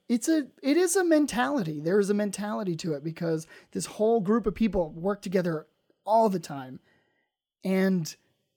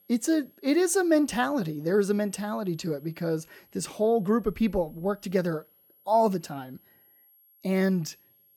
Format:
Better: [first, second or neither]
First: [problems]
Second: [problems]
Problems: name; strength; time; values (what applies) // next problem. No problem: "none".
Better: first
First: none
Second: high-pitched whine; faint; throughout; 11.5 kHz, 30 dB below the speech